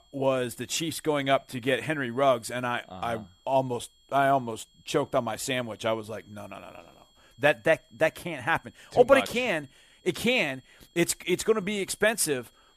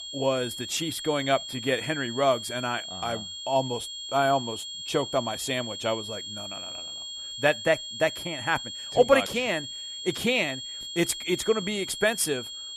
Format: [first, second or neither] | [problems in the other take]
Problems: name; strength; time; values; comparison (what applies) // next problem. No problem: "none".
first | high-pitched whine; loud; throughout; 3.5 kHz, 7 dB below the speech; faint in the first